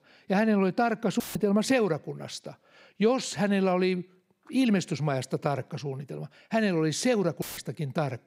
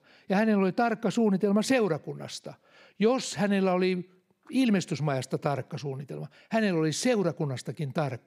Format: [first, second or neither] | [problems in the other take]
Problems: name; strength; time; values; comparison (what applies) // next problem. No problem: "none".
second | audio cutting out; filled with static; at 1 s and at 7.5 s